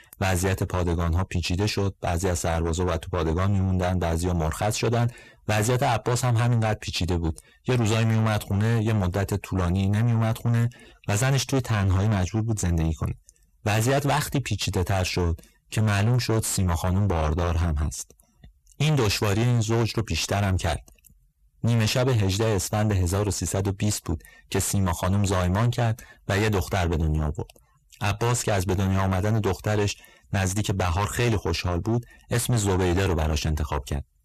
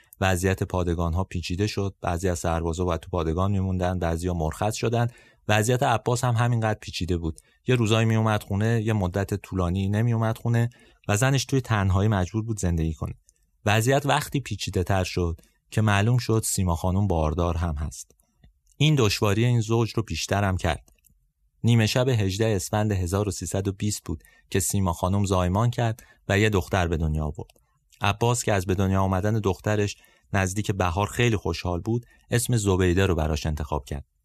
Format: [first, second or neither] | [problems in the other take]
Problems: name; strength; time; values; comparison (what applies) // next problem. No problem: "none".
second | distortion; heavy; 7 dB below the speech